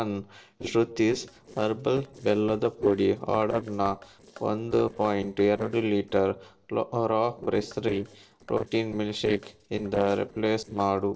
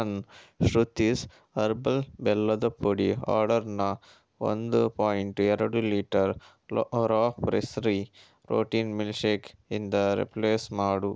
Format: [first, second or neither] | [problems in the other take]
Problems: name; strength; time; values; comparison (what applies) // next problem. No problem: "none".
second | noise reduction (neural separator model SepFormer DNS4)